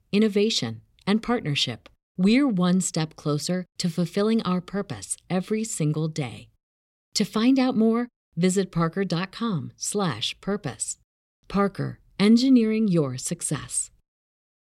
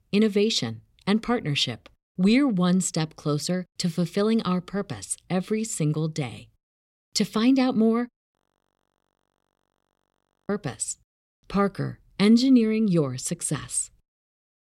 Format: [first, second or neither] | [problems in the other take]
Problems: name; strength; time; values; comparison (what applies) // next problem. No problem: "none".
first | audio freezing; at 8.5 s for 2 s